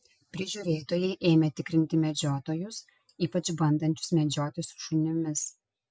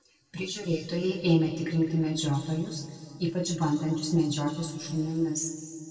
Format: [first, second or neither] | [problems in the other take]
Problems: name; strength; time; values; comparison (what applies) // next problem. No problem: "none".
first | room echo; dies away in 2.1 s